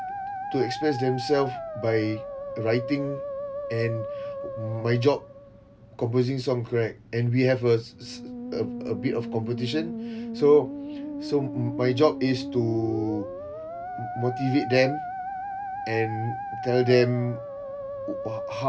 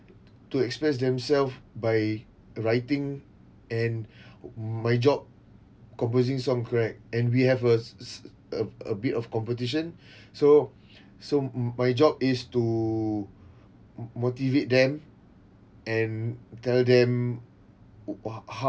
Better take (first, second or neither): second